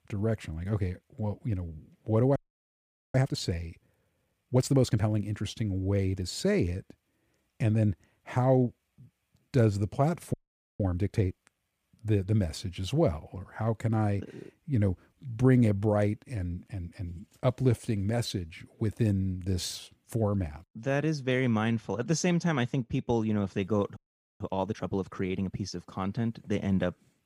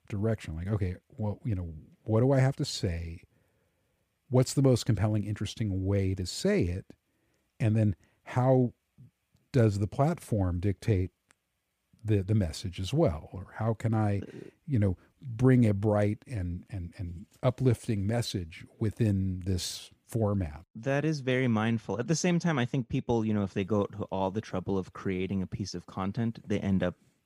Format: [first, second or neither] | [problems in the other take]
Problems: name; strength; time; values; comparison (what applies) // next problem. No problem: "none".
second | audio freezing; at 2.5 s for 1 s, at 10 s and at 24 s